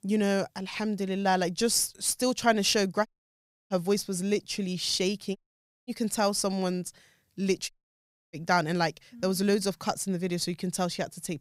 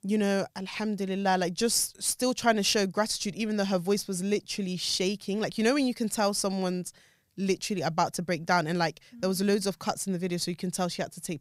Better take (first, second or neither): second